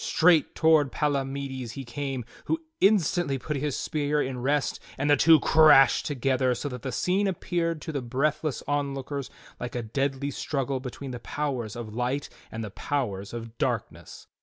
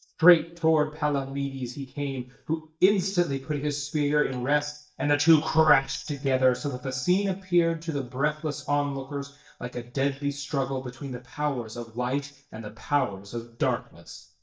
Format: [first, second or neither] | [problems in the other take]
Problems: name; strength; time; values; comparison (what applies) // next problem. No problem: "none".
first | noise reduction (neural mask model DeepFilterNet 3)